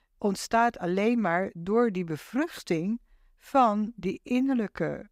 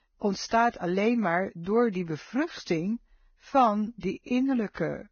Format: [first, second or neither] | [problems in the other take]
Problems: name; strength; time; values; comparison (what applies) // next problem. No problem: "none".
first | garbled, watery; badly; nothing above 6.5 kHz